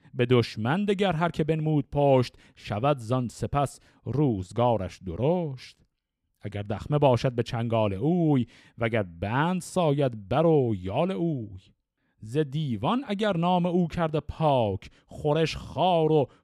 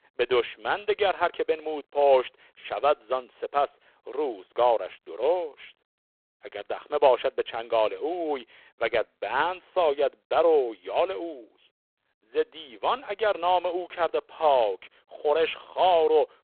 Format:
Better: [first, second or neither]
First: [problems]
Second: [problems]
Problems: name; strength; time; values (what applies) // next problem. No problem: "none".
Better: first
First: none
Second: phone-call audio; poor line